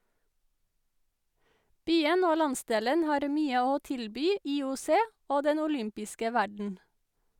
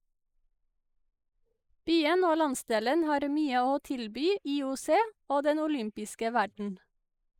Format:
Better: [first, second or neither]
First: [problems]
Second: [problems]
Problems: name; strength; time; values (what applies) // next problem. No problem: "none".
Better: first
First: none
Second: noise reduction (neural mask model Resemble Enhance denoiser)